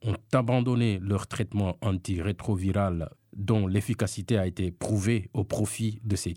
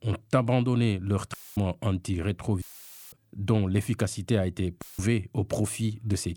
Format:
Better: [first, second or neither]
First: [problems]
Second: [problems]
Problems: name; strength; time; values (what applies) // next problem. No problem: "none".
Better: first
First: none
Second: audio cutting out; filled with static; at 1.5 s, at 2.5 s for 0.5 s and at 5 s